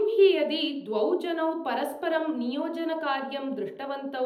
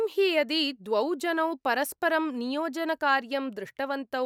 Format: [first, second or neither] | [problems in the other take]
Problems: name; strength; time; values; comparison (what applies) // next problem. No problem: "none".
second | room echo; dies away in 0.8 s